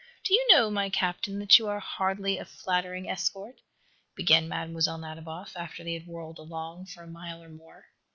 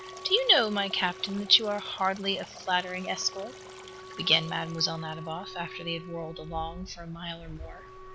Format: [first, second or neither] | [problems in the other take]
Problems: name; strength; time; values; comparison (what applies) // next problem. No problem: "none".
first | background sound (Stream + Wind instrument, woodwind instrument); 14 dB below the speech